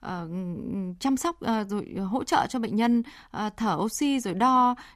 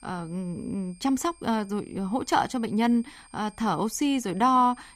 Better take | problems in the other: first | high-pitched whine; faint; throughout; 8.5 kHz, 25 dB below the speech

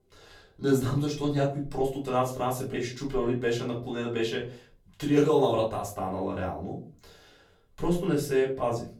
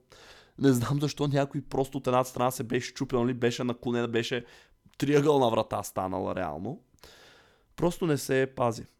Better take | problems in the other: second | off-mic speech; far // room echo; slight; dies away in 0.3 s

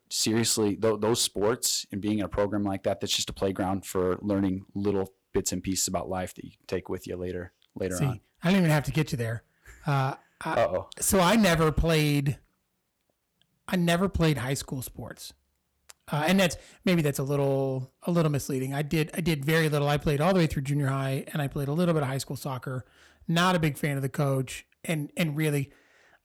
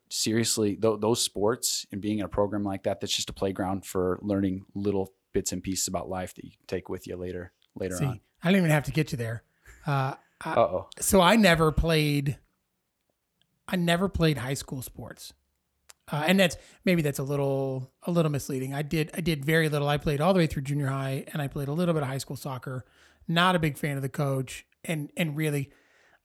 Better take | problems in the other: second | distortion; slight; 4% of the sound clipped

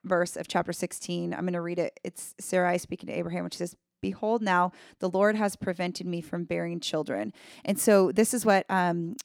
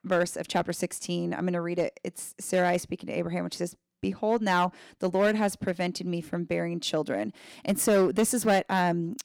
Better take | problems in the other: first | distortion; slight; 4% of the sound clipped

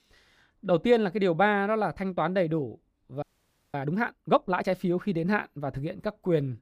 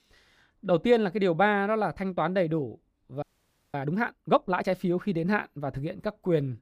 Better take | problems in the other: neither | audio freezing; at 3 s for 0.5 s; the same in both

